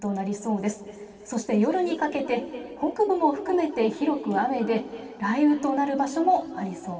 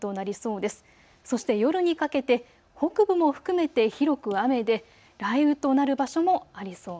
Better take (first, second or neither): second